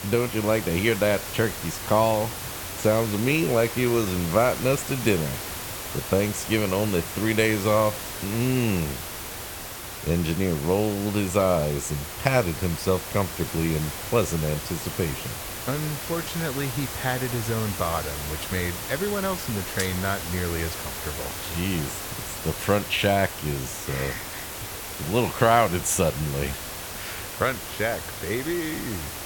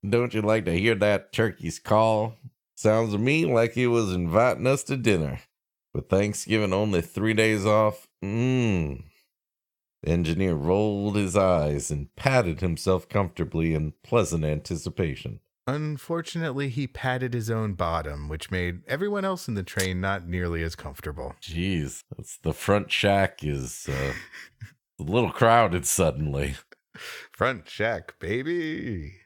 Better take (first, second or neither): second